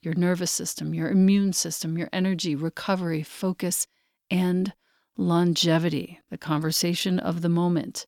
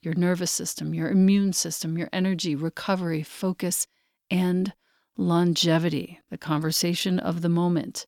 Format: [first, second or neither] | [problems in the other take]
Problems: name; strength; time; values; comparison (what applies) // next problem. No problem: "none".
neither | none